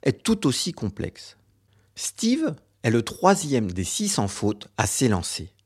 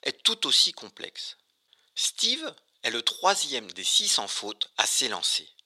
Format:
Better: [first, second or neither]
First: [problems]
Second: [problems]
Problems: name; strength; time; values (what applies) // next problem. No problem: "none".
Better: first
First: none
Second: thin; very; fading below 650 Hz